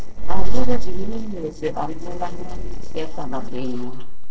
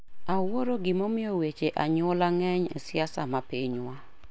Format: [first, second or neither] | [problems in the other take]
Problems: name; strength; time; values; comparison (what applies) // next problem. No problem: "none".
second | noise reduction (neural separator model SepFormer DNS4)